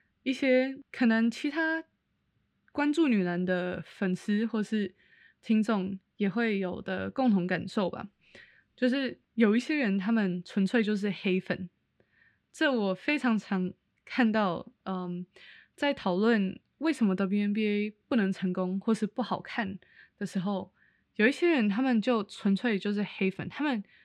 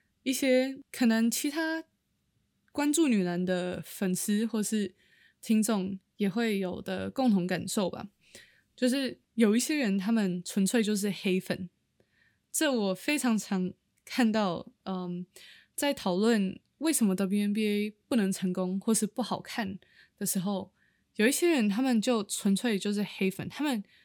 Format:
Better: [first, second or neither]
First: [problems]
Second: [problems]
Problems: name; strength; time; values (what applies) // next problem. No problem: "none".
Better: second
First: muffled; slightly; fading above 2.5 kHz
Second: none